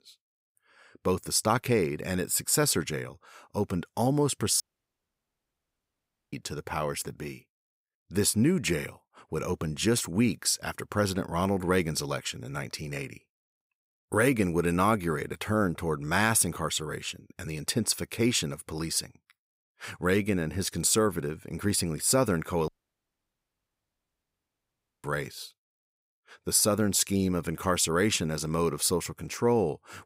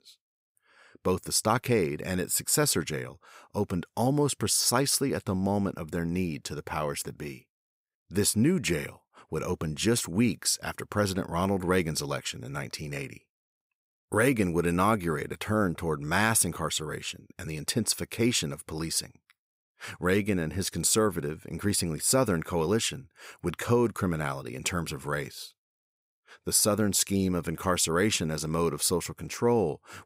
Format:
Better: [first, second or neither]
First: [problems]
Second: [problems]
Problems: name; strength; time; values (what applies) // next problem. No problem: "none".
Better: second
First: audio cutting out; at 4.5 s for 1.5 s and at 23 s for 2.5 s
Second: none